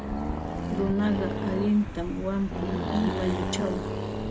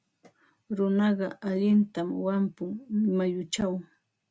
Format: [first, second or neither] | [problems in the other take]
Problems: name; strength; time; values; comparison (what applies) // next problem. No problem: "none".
second | background sound (Accelerating, revving, vroom); 1 dB below the speech